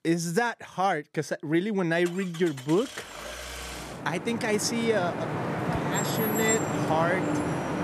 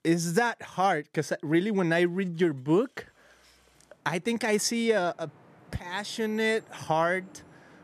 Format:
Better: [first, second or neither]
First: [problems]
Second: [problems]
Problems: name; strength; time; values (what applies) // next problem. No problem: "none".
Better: second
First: traffic noise; loud; throughout; 3 dB below the speech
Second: traffic noise; faint; throughout; 30 dB below the speech